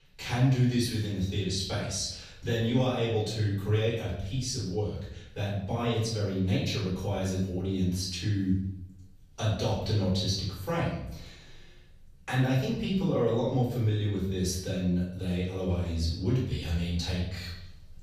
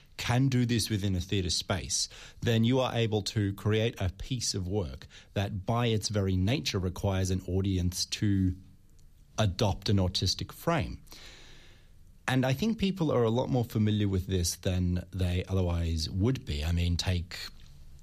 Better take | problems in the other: second | off-mic speech; far // room echo; noticeable; dies away in 0.7 s

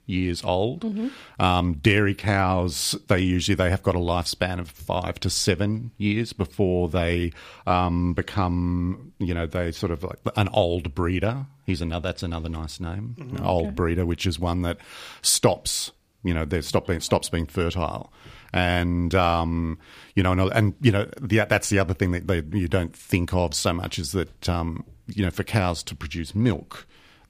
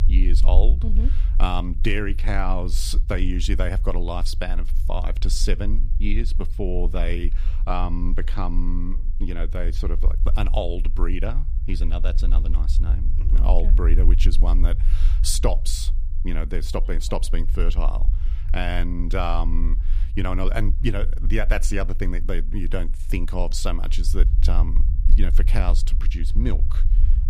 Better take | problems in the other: first | low rumble; noticeable; throughout; 15 dB below the speech

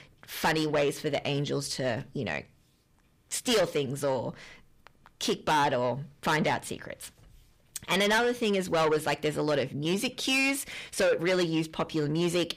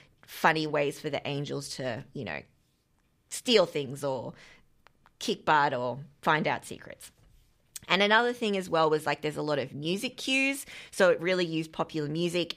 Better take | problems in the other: second | distortion; heavy; 6 dB below the speech

